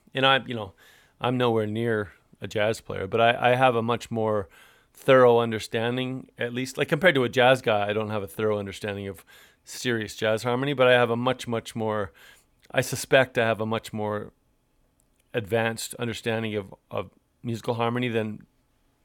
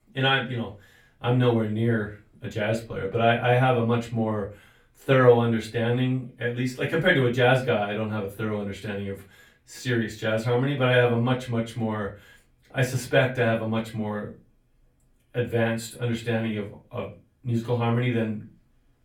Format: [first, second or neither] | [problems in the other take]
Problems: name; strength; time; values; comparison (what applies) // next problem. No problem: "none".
first | off-mic speech; far // room echo; very slight; dies away in 0.3 s